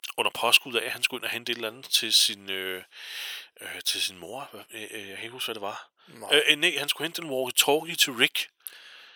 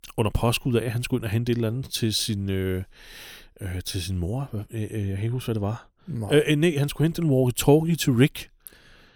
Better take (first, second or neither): second